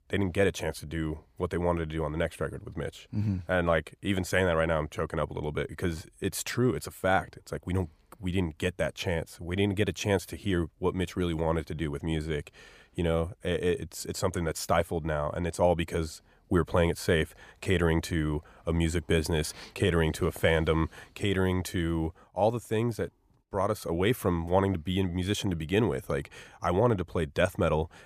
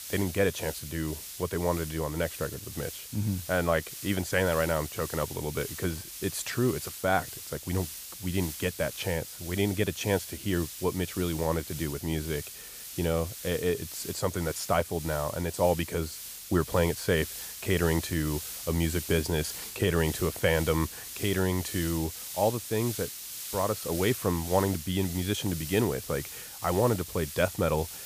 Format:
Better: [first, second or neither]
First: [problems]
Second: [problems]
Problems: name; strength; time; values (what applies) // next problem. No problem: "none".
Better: first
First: none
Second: hiss; loud; throughout; 8 dB below the speech